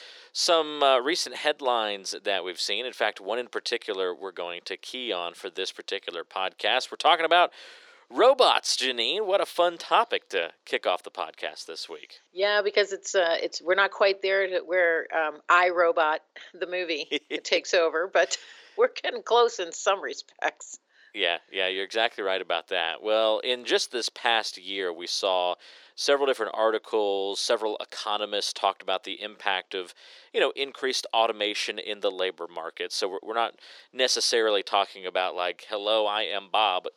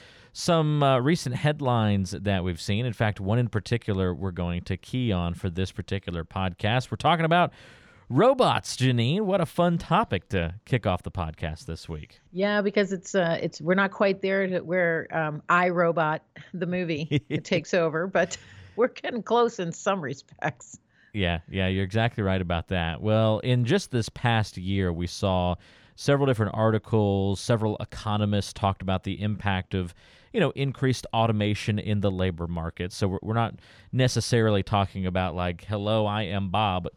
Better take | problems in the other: second | thin; very; fading below 350 Hz

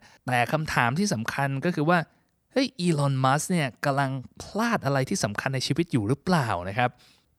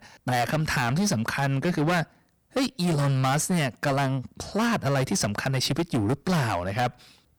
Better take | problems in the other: first | distortion; heavy; 18% of the sound clipped

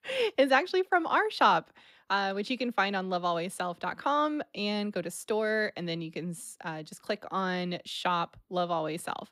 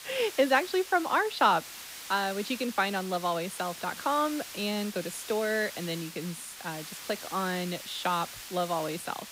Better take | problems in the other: first | hiss; noticeable; throughout; 10 dB below the speech

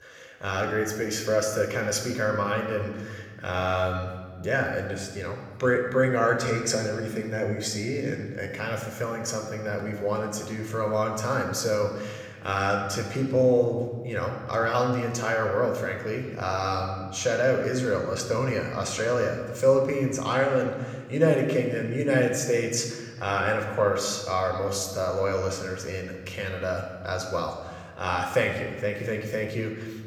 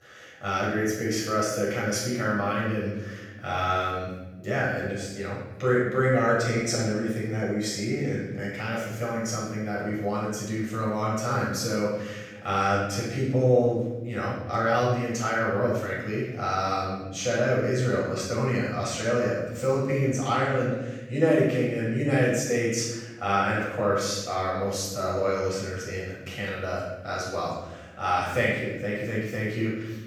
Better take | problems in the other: first | room echo; strong; dies away in 1 s; slight in the first // off-mic speech; far

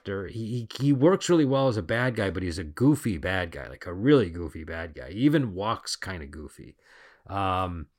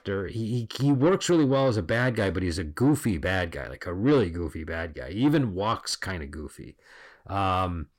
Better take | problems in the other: first | distortion; slight; 10 dB below the speech

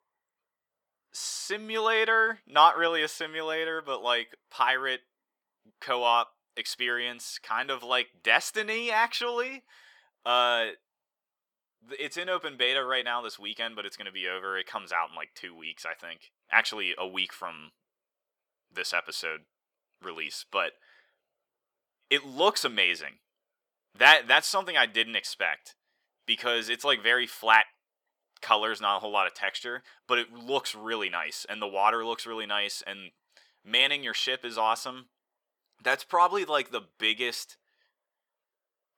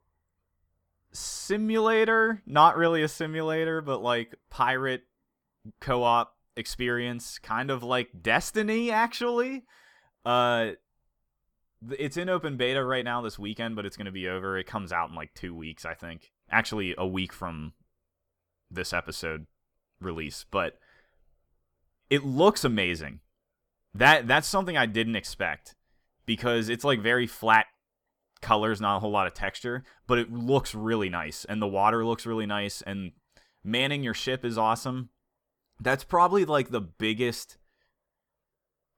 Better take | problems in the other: second | thin; very; fading below 500 Hz

